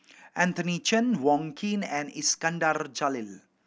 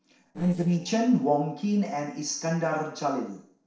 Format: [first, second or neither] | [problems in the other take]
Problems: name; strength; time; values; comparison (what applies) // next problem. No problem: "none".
first | noise reduction (neural separator model SepFormer DNS4)